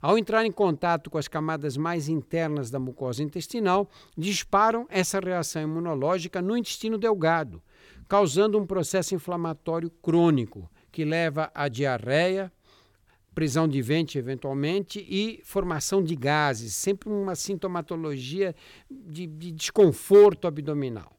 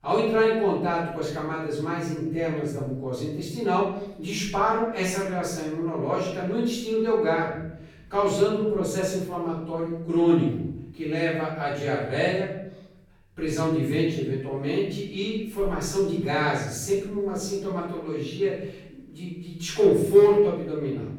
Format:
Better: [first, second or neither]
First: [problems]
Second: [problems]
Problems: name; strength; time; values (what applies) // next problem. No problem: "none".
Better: first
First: none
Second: off-mic speech; far // room echo; noticeable; dies away in 0.8 s